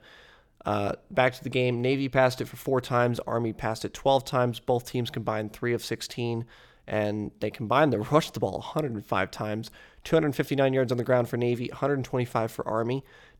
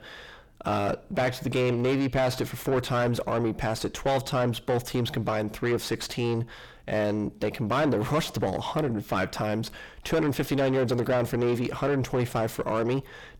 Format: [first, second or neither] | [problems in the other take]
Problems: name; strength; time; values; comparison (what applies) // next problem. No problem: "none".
first | distortion; heavy; 5 dB below the speech